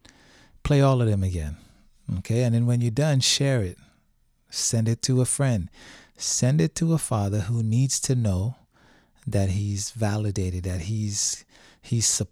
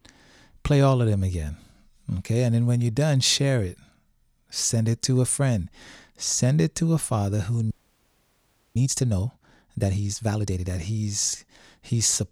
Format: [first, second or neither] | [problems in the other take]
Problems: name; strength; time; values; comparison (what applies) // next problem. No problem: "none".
first | audio freezing; at 7.5 s for 1 s